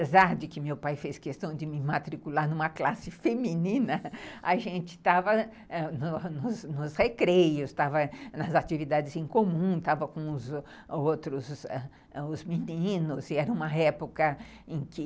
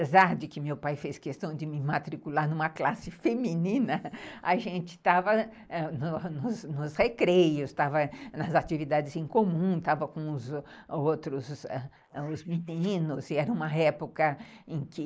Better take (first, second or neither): first